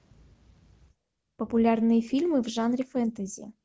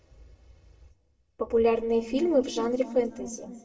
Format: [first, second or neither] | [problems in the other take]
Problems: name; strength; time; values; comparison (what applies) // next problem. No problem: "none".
first | room echo; dies away in 1.6 s